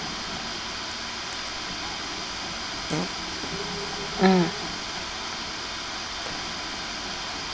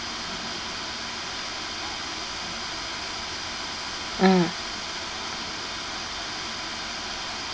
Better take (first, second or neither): second